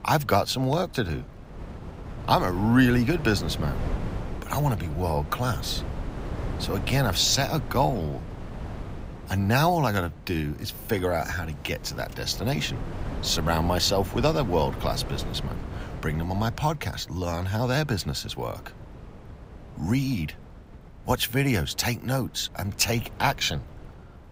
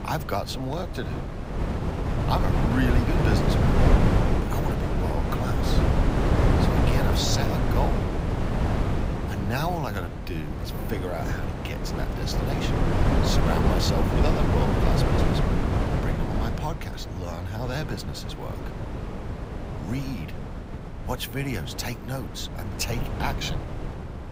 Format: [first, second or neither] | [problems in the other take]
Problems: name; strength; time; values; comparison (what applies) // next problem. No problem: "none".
first | wind noise on the microphone; heavy; 2 dB above the speech; occasional gusts in the first